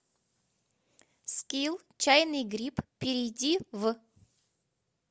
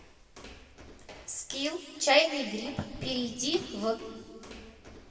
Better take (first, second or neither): first